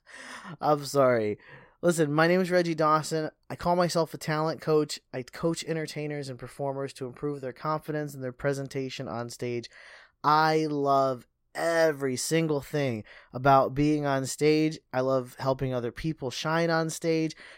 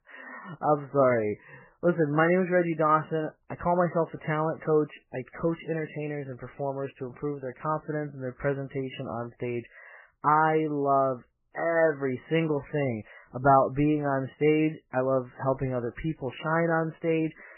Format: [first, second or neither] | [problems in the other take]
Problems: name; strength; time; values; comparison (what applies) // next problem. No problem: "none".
first | garbled, watery; badly; nothing above 3 kHz